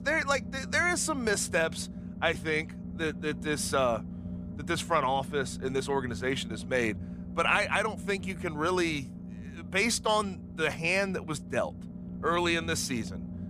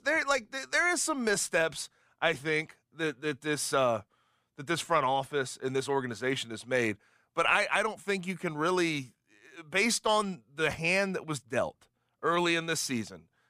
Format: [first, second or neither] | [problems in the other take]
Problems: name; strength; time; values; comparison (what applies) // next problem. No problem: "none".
second | low rumble; noticeable; throughout; 20 dB below the speech